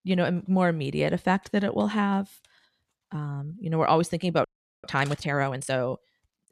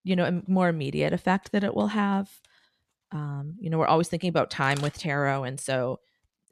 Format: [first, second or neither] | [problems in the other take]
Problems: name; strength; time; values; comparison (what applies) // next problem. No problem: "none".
second | audio freezing; at 4.5 s